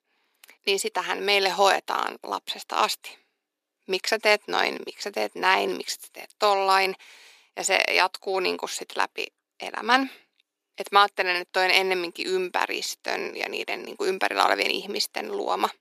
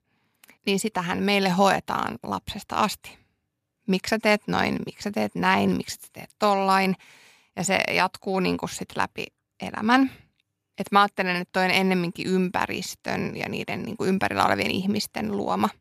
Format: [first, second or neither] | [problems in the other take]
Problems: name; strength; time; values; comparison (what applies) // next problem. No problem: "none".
second | thin; somewhat; fading below 350 Hz